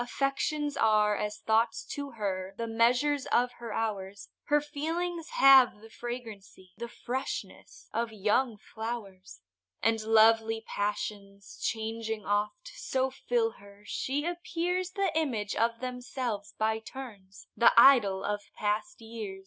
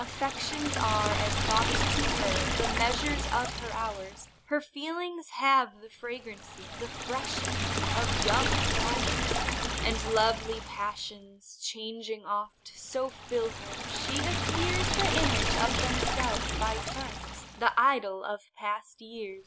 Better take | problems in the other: first | background sound (Liquid); 1 dB above the speech

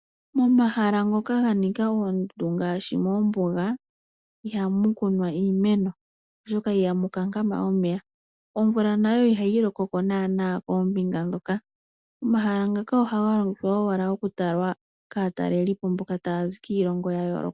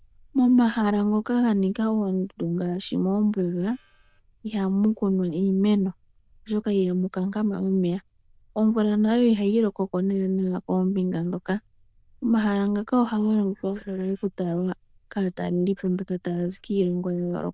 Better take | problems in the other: first | noise reduction (neural diffusion model UNIVERSE++)

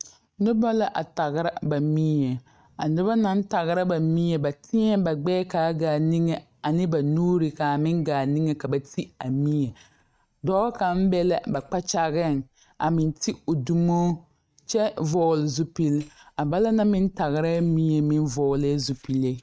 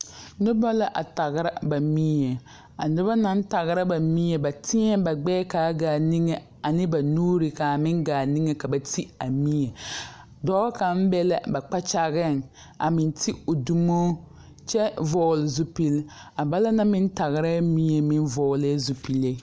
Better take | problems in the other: second | noise reduction (neural mask model RNNoise)

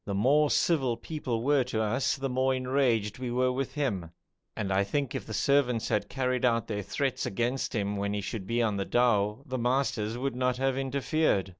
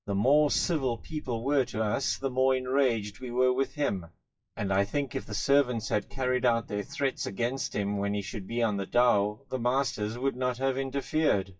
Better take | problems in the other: first | noise reduction (classical method WPE with log-MMSE)

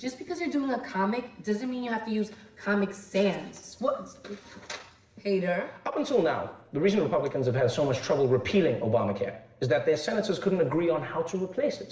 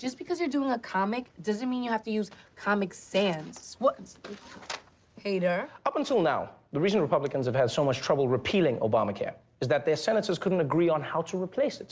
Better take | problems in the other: second | room echo; dies away in 1 s

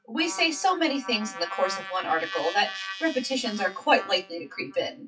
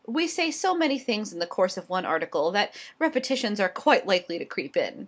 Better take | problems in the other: second | noise reduction (classical method WPE with log-MMSE)

